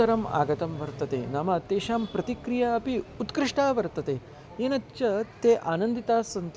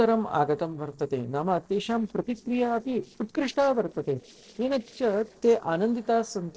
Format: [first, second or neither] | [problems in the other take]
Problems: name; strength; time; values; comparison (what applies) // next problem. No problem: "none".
first | noise reduction (neural separator model SepFormer DNS4)